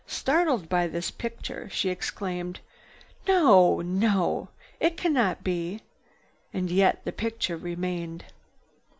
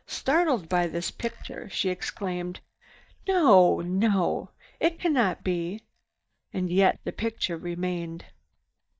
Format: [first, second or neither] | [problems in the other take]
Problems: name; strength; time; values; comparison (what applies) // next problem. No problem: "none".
first | noise reduction (neural mask model DeepFilterNet 3)